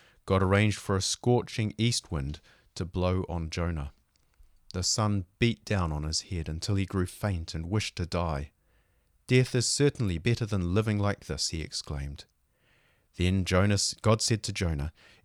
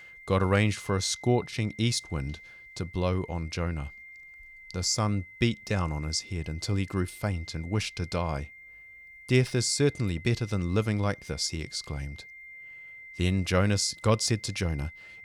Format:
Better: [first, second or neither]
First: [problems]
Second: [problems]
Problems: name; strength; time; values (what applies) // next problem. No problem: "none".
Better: first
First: none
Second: high-pitched whine; noticeable; throughout; 2 kHz, 15 dB below the speech